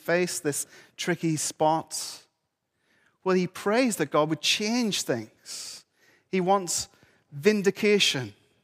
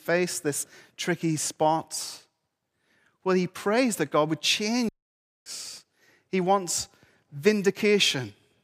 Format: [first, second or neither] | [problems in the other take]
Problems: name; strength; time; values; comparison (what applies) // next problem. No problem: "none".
first | audio cutting out; at 5 s for 0.5 s